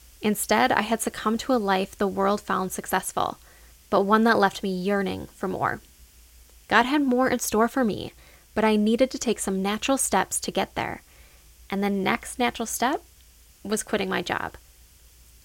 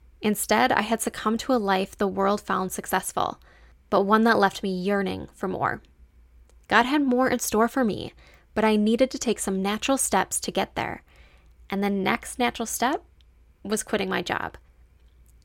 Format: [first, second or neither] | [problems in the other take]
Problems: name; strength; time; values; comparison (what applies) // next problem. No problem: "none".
second | hiss; faint; throughout; 30 dB below the speech